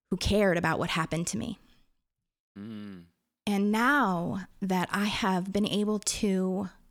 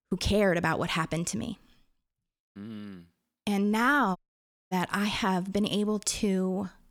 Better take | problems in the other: first | audio cutting out; at 4 s for 0.5 s

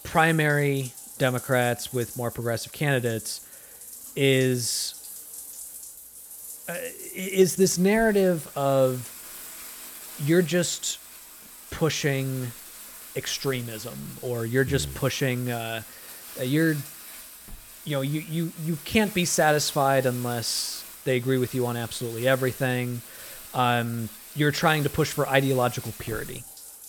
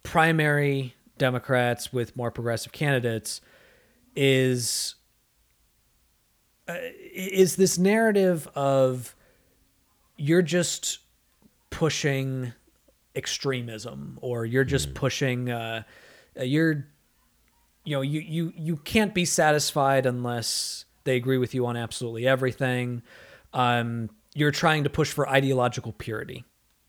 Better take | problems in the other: second | household noises; noticeable; throughout; 15 dB below the speech

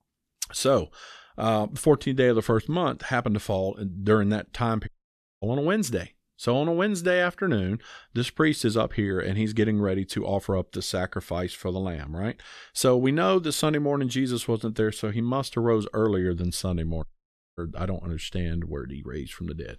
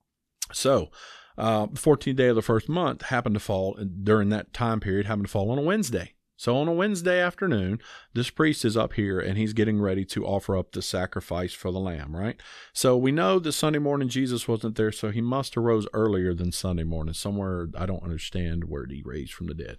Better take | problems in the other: second | audio cutting out; at 5 s for 0.5 s and at 17 s for 0.5 s

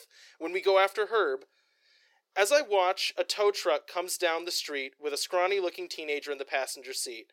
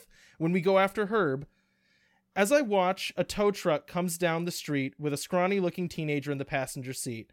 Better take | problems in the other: second | thin; very; fading below 350 Hz

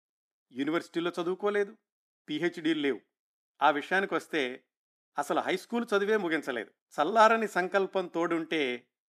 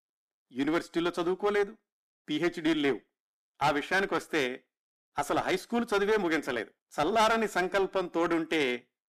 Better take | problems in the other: first | distortion; heavy; 7% of the sound clipped

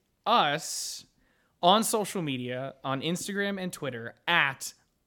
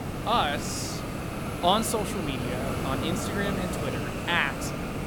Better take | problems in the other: first | hiss; loud; throughout; 3 dB below the speech

